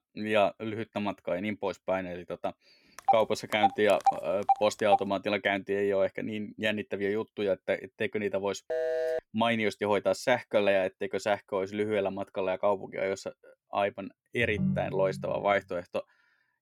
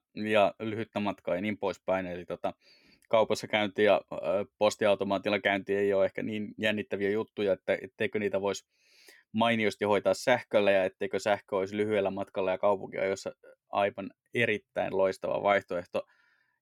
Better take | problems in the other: second | phone ringing; loud; from 3 to 5 s and at 8.5 s; peak level with the speech // phone ringing; noticeable; at 14 s; peak 2 dB below the speech

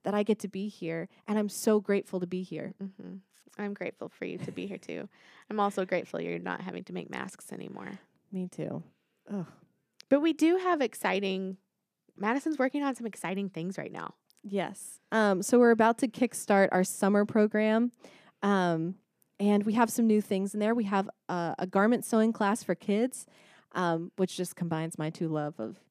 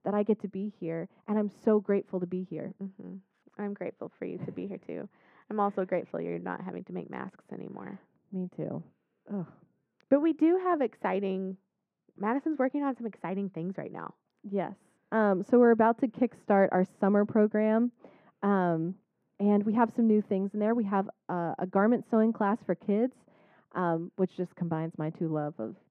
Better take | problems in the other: first | muffled; very; fading above 3.5 kHz

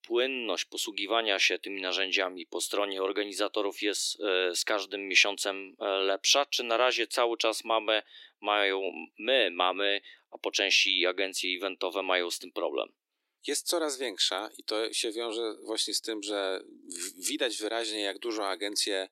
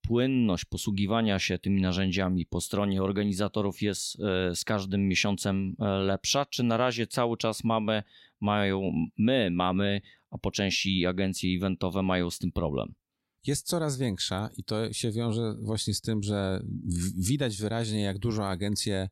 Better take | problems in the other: second | thin; very; fading below 300 Hz

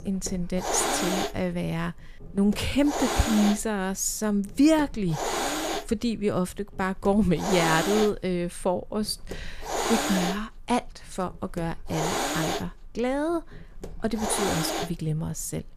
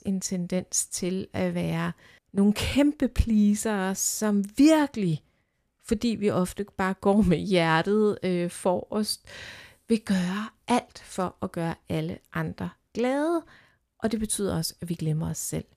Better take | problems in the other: second | hiss; loud; throughout; 2 dB below the speech

